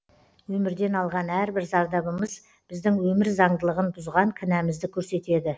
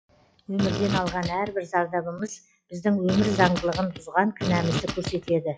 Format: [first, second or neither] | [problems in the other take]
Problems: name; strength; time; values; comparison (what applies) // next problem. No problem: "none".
first | noise reduction (classical method log-MMSE)